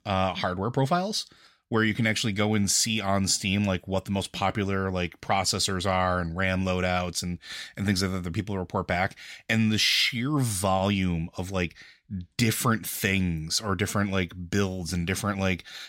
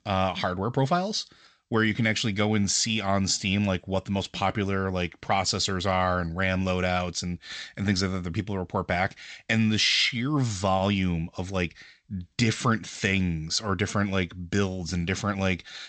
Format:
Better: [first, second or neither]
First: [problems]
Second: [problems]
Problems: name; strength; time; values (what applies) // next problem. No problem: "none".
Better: first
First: none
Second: garbled, watery; slightly; nothing above 8 kHz